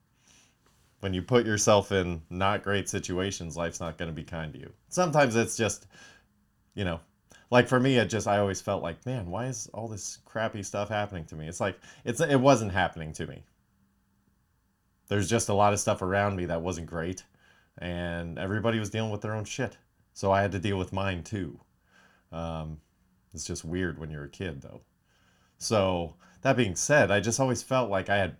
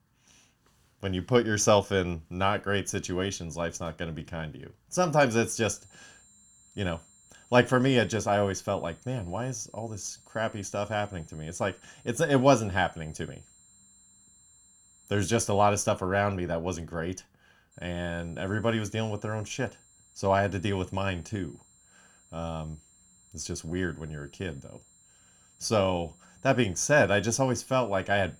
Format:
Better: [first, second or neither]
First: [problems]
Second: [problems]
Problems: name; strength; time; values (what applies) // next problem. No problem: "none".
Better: first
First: none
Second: high-pitched whine; faint; from 5.5 to 16 s and from 18 s on; 7.5 kHz, 30 dB below the speech